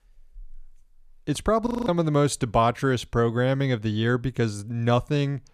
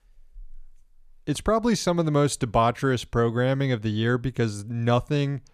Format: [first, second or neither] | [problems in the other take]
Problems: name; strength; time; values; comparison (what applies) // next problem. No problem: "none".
second | audio freezing; at 1.5 s